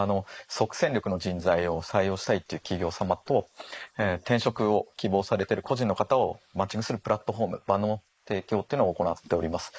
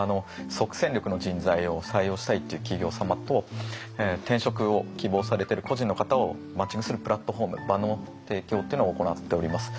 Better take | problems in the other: second | noise reduction (neural mask model Resemble Enhance denoiser)

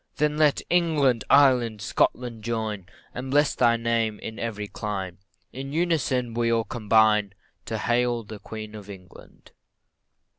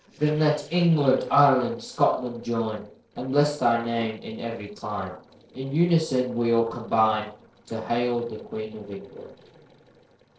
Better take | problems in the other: first | noise reduction (neural separator model SepFormer DNS4)

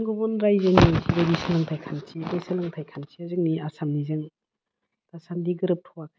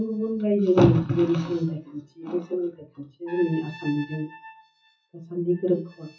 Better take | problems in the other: first | noise reduction (classical method WPE with log-MMSE)

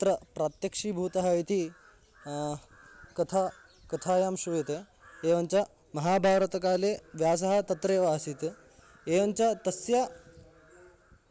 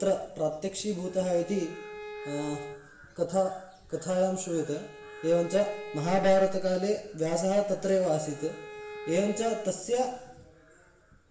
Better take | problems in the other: first | background sound (Bowed string instrument); 15 dB below the speech // room echo; dies away in 0.8 s

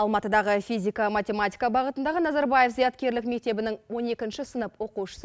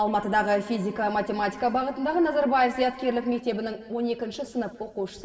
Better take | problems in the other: first | background sound (Organ); 18 dB below the speech // room echo; dies away in 2.4 s

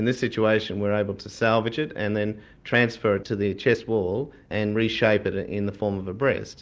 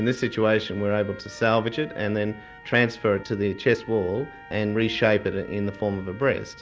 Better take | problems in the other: first | background sound (Trumpet + Wind instrument, woodwind instrument); 20 dB below the speech

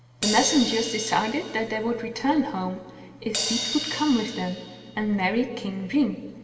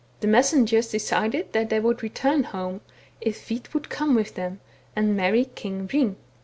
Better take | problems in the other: second | background sound (Crash cymbal); 8 dB below the speech // room echo; dies away in 2.2 s

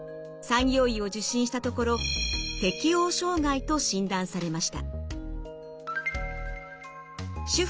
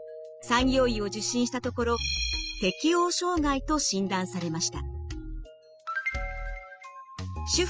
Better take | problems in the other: first | noise reduction (classical method spectral subtraction)

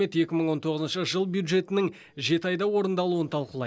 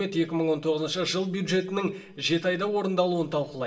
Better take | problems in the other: first | room echo; dies away in 0.7 s

